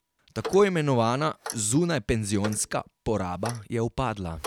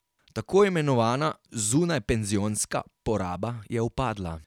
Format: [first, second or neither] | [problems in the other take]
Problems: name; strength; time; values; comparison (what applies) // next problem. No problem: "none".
second | background sound (Clock); 16 dB below the speech